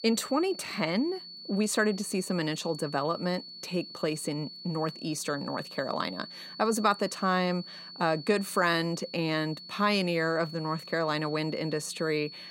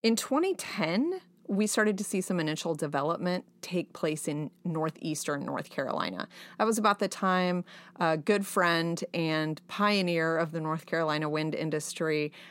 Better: second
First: high-pitched whine; noticeable; throughout; 4.5 kHz, 15 dB below the speech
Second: none

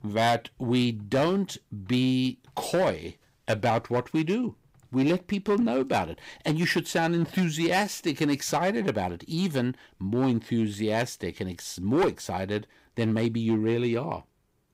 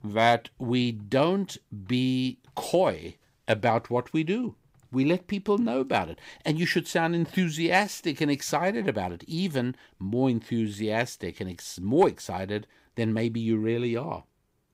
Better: second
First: distortion; slight; 6% of the sound clipped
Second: none

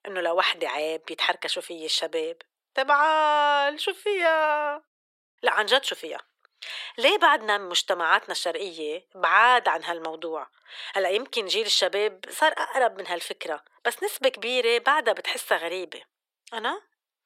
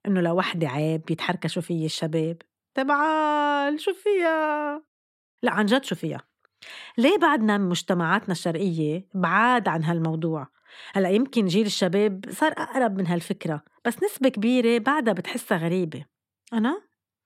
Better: second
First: thin; very; fading below 450 Hz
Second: none

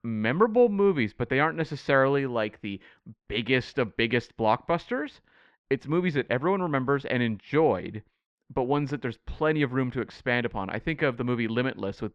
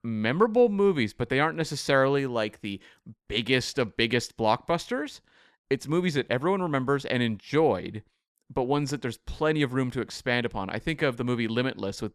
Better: second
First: muffled; slightly; fading above 2.5 kHz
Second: none

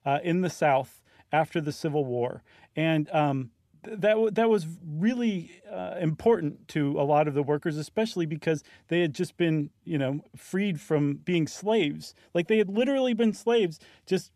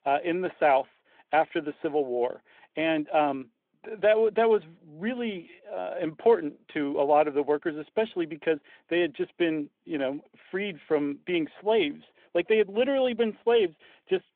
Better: first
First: none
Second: phone-call audio; nothing above 3.5 kHz

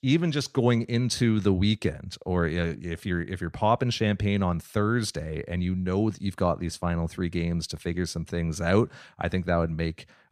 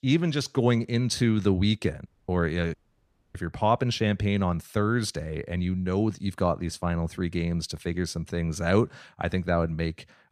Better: first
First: none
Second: audio cutting out; at 2 s and at 2.5 s for 0.5 s

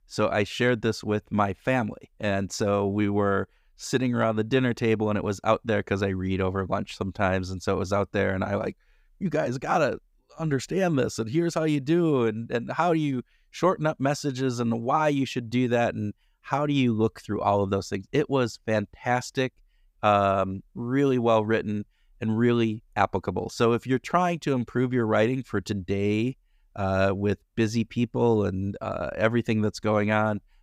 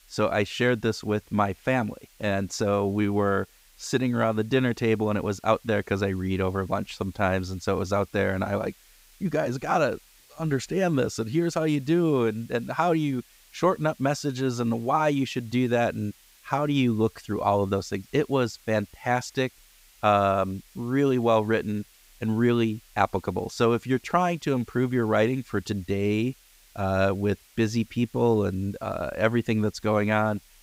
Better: first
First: none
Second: hiss; faint; throughout; 30 dB below the speech

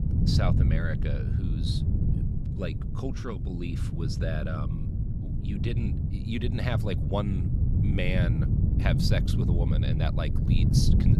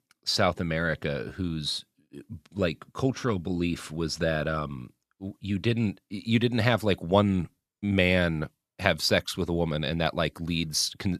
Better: second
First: wind noise on the microphone; heavy; 3 dB below the speech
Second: none

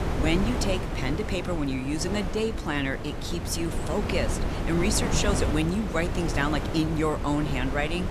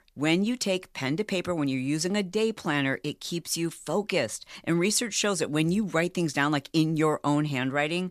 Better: second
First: wind noise on the microphone; heavy; 5 dB below the speech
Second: none

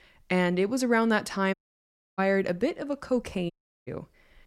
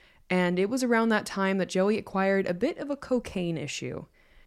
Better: second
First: audio cutting out; at 1.5 s for 0.5 s and at 3.5 s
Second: none

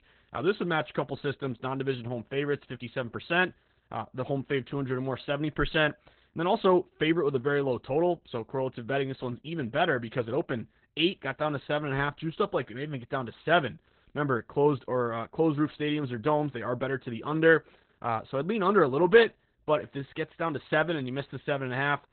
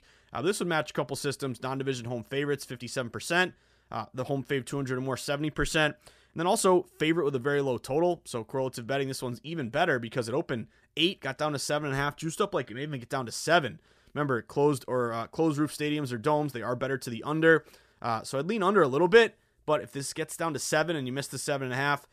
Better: second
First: garbled, watery; badly; nothing above 3.5 kHz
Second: none

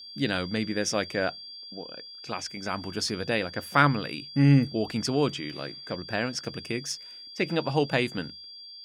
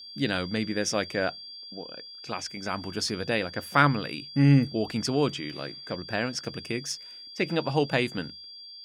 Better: neither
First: high-pitched whine; noticeable; throughout; 4.5 kHz, 15 dB below the speech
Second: high-pitched whine; noticeable; throughout; 4.5 kHz, 15 dB below the speech

